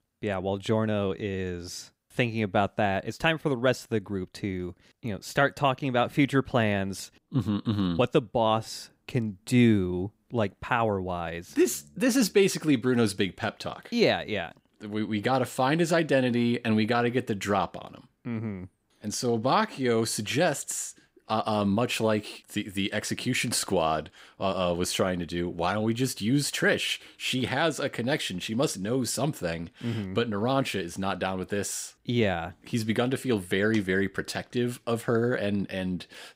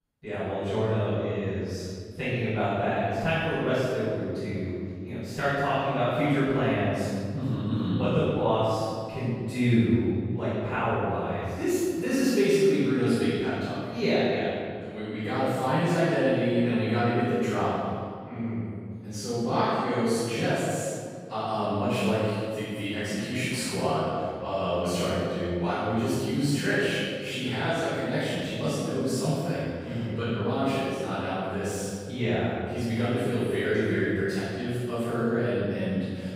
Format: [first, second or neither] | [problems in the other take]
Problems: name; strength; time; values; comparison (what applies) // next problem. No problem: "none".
first | off-mic speech; far // room echo; strong; dies away in 2.1 s